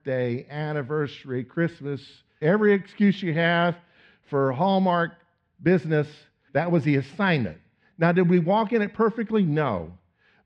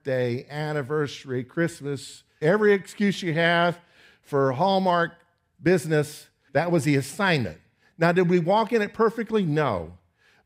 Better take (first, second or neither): second